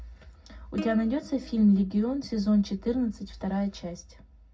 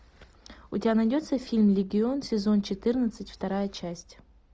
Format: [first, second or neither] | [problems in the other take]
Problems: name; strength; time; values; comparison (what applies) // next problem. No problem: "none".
second | background sound (Plucked string instrument); 19 dB below the speech // room echo; dies away in 0.4 s